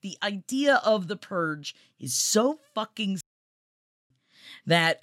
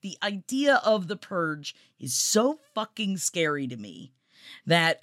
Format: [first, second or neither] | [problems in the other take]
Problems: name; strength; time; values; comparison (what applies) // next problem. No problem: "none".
second | audio cutting out; at 3 s for 1 s